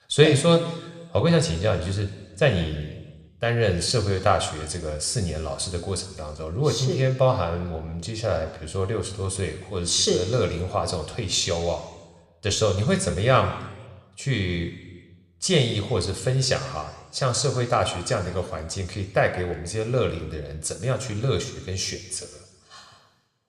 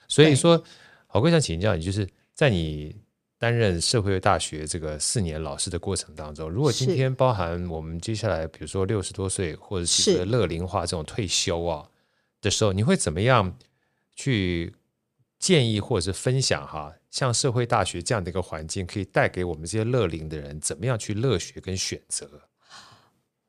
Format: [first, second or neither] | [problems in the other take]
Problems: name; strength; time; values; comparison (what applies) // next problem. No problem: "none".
second | room echo; slight; dies away in 1.2 s